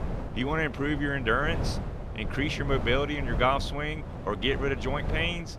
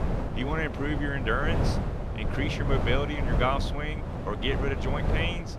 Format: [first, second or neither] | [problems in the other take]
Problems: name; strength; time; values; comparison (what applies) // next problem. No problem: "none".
first | wind noise on the microphone; heavy; 5 dB below the speech; occasional gusts in the first